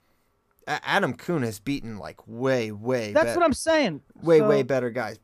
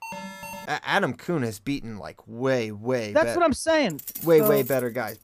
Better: first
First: none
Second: alarm; faint; at the start; peak 10 dB below the speech // jangling keys; noticeable; from 4 s on; peak 6 dB below the speech

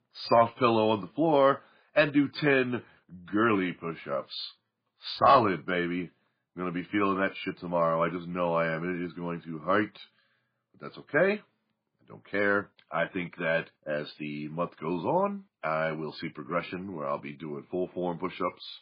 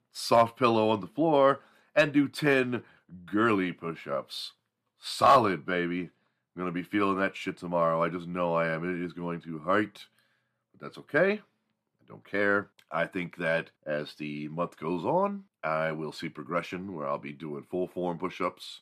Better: second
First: garbled, watery; badly; nothing above 5 kHz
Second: none

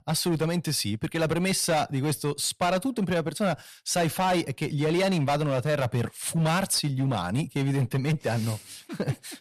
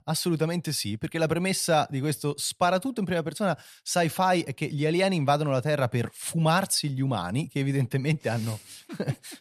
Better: second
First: distortion; slight; 11% of the sound clipped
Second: none

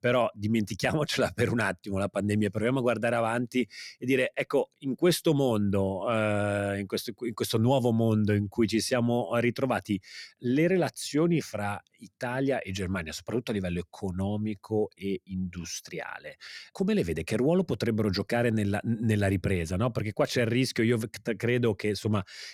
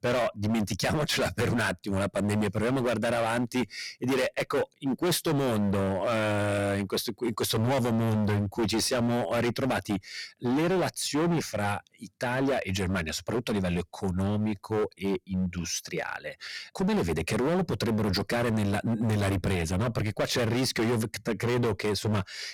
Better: first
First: none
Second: distortion; heavy; 23% of the sound clipped

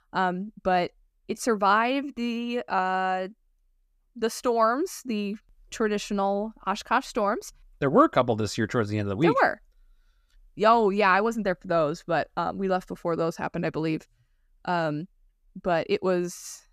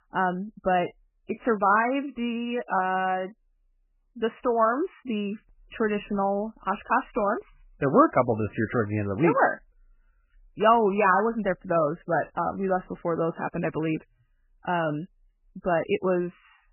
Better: first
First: none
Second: garbled, watery; badly; nothing above 3 kHz

